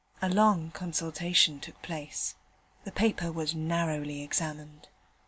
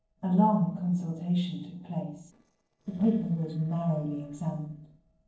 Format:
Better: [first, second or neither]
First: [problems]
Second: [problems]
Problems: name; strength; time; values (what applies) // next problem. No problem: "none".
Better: first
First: none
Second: noise reduction (neural separator model SepFormer DNS4)